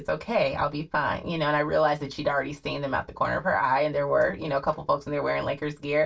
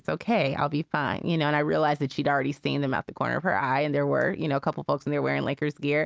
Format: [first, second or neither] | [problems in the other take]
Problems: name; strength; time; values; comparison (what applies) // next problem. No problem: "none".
second | room echo; dies away in 0.2 s